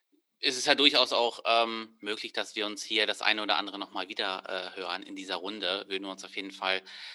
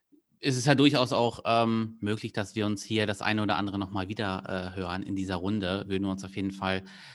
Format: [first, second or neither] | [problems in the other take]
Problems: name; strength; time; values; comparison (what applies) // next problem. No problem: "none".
second | thin; somewhat; fading below 400 Hz